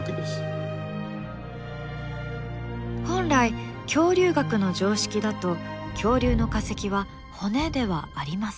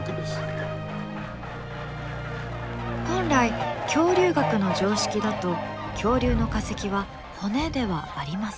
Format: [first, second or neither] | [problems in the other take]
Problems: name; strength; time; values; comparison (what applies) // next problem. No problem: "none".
first | background sound (Fowl); 7 dB below the speech